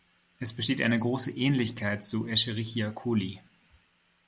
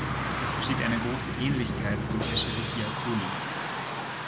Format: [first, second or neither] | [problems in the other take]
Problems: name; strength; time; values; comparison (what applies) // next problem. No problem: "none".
first | background sound (Drum + Car passing by / Traffic noise, roadway noise); 2 dB above the speech